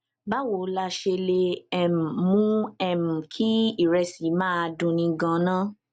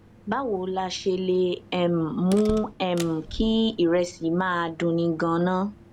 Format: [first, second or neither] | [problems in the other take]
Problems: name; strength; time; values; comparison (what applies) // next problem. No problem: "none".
first | background sound (Slam); 18 dB below the speech